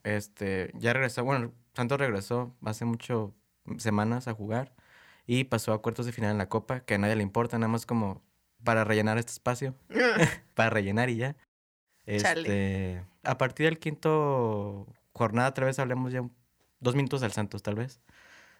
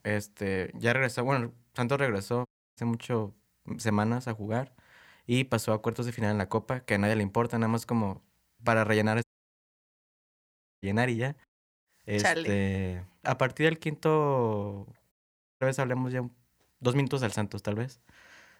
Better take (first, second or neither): first